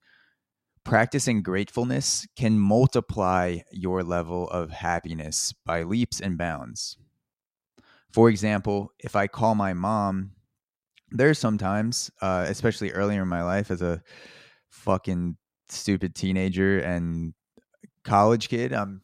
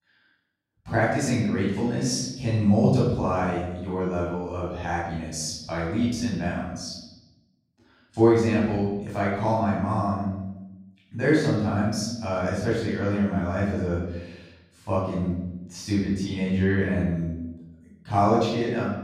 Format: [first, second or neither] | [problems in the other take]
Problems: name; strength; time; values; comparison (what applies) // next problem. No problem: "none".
first | room echo; noticeable; dies away in 1 s // off-mic speech; far